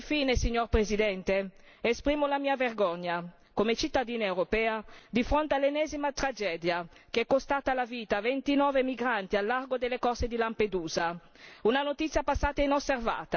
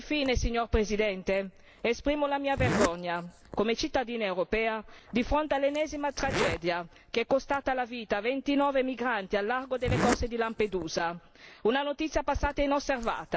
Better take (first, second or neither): first